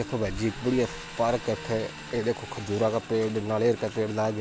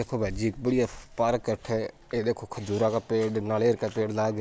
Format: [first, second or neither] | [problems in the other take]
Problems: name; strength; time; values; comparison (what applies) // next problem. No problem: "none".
second | background sound (Engine); 14 dB below the speech